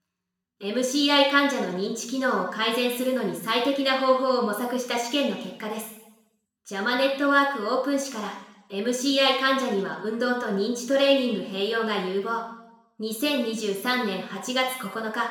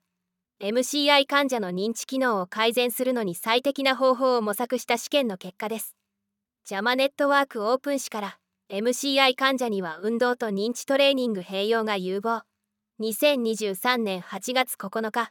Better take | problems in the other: second | room echo; noticeable; dies away in 0.8 s // off-mic speech; somewhat distant

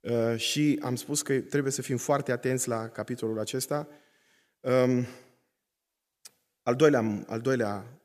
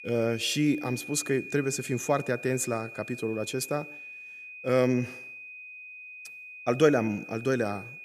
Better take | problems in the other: first | high-pitched whine; noticeable; throughout; 2.5 kHz, 15 dB below the speech

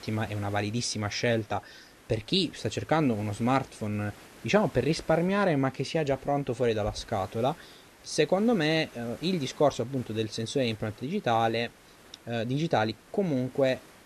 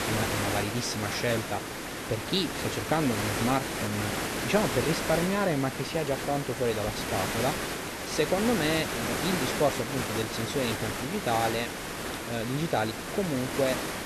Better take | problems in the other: first | hiss; loud; throughout; 2 dB below the speech; faint in the first

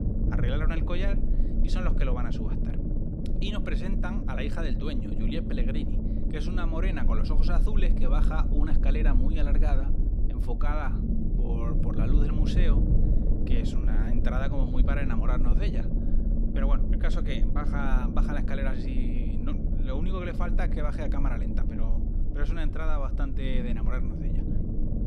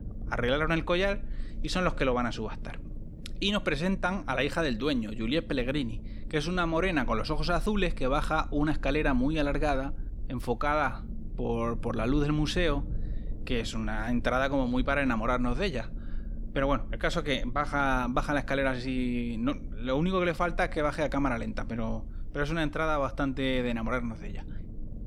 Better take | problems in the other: second | low rumble; loud; throughout; 3 dB below the speech; faint in the second

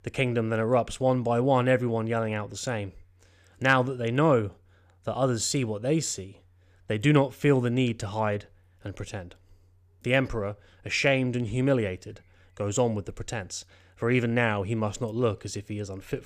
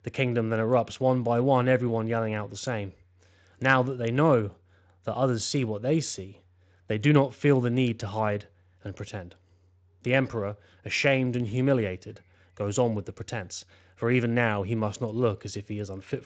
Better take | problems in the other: first | garbled, watery; slightly; nothing above 7.5 kHz

